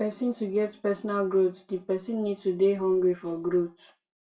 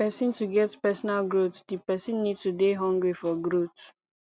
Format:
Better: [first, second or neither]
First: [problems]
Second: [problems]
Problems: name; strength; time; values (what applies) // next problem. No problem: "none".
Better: second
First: room echo; dies away in 0.2 s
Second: none